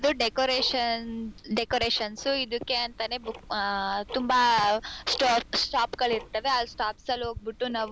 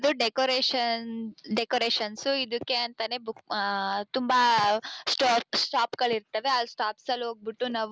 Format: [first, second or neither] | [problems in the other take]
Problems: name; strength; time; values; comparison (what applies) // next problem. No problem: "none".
second | background sound (Tick-tock); 18 dB below the speech